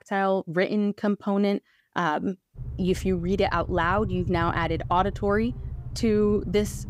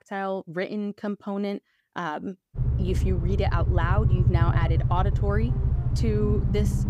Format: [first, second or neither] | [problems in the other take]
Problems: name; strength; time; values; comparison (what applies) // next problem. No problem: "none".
first | low rumble; loud; from 2.5 s on; 7 dB below the speech; faint in the first